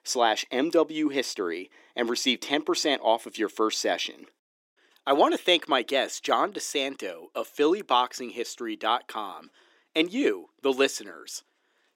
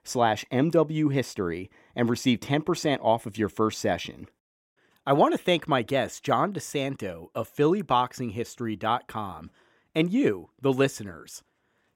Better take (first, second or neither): second